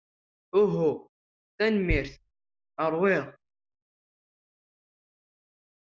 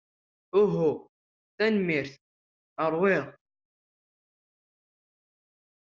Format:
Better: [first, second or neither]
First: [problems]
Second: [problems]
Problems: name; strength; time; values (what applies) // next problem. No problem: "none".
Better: second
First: noise reduction (classical method log-MMSE)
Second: none